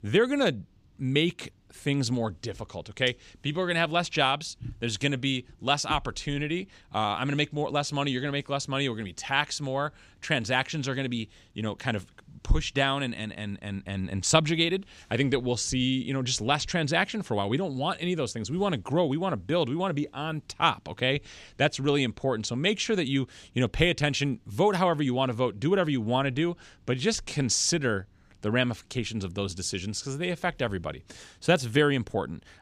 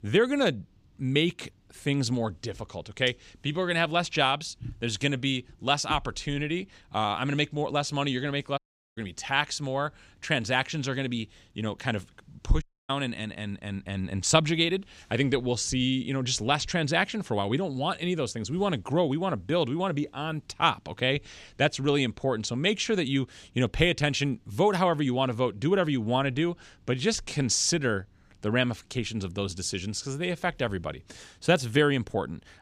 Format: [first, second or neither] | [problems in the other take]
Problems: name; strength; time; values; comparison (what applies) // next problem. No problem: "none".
first | audio cutting out; at 8.5 s and at 13 s